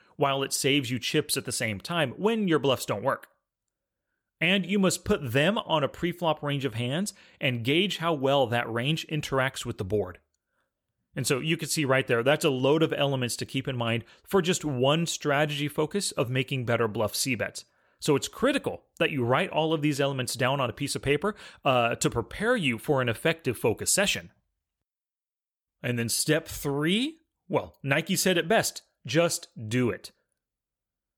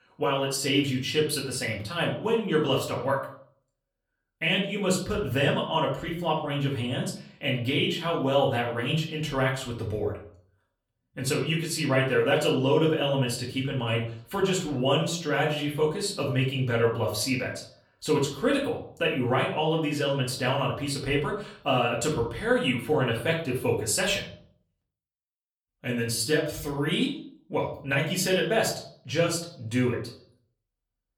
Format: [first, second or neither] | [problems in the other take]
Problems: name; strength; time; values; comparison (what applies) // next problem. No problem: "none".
first | off-mic speech; far // room echo; slight; dies away in 0.5 s